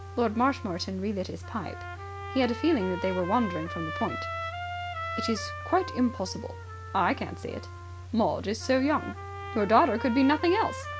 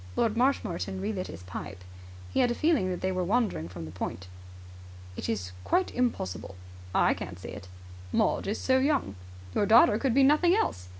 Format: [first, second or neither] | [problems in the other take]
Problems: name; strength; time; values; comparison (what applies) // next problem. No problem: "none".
second | background sound (Trumpet); 11 dB below the speech